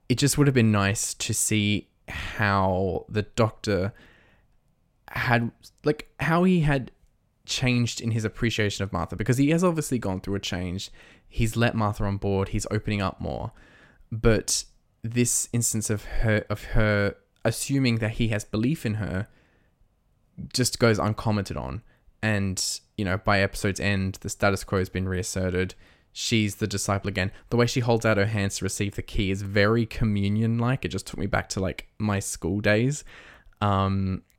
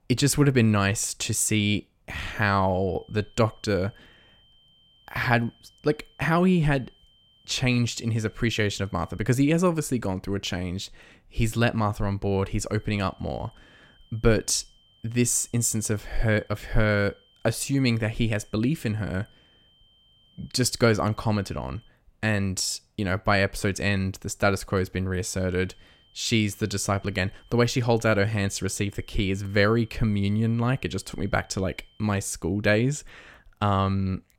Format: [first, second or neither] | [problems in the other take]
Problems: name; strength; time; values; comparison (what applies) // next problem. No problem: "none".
first | high-pitched whine; faint; from 2 to 9 s, from 13 to 22 s and from 25 to 32 s; 3 kHz, 35 dB below the speech